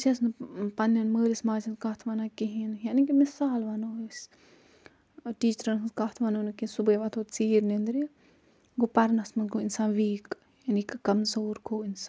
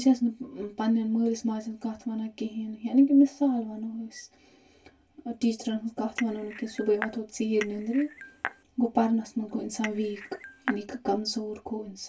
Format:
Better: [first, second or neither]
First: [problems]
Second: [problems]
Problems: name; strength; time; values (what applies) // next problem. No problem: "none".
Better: first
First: none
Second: background sound (Cutlery, silverware / Dishes, pots, and pans / Chink, clink); 11 dB below the speech // room echo; dies away in 0.1 s